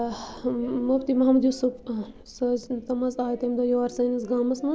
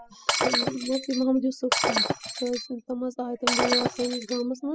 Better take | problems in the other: first | noise reduction (classical method spectral subtraction)

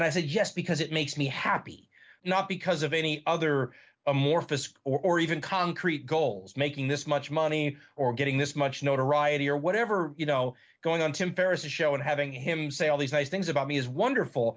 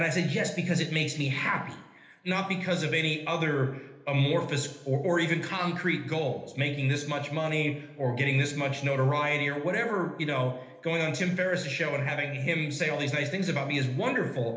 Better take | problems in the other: first | room echo; dies away in 1 s

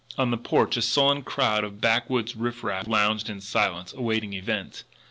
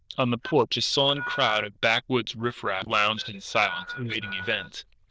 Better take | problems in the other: first | noise reduction (neural diffusion model UNIVERSE++)

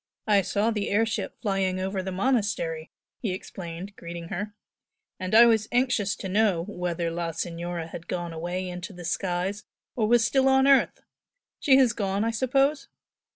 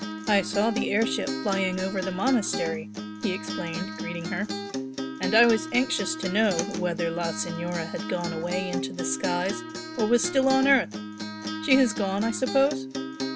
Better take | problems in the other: first | background sound (Acoustic guitar); 6 dB below the speech

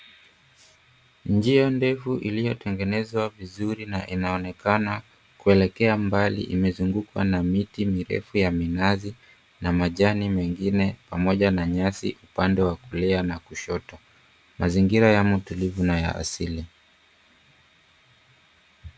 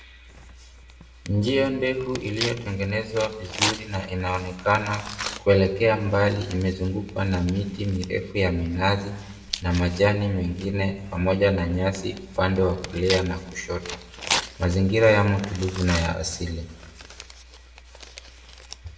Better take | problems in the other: first | background sound (Tearing); 12 dB below the speech // room echo; dies away in 0.7 s

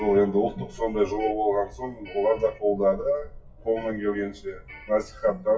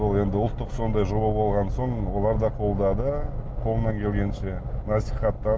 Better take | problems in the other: second | noise reduction (classical method WPE with log-MMSE)

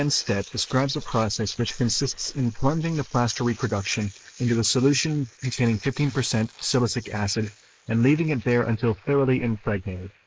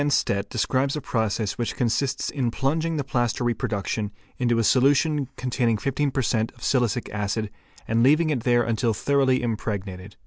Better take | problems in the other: second | noise reduction (neural mask model Resemble Enhance denoiser)

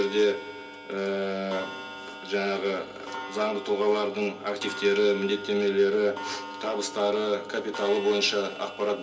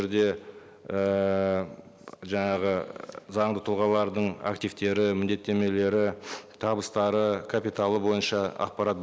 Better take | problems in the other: second | background sound (Clock); 13 dB below the speech // room echo; dies away in 0.3 s

